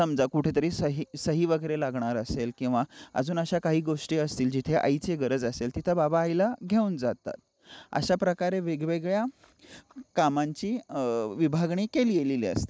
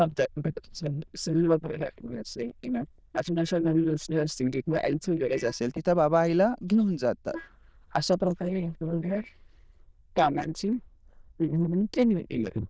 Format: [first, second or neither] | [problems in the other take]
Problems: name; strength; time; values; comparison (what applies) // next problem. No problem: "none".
first | noise reduction (neural diffusion model UNIVERSE++)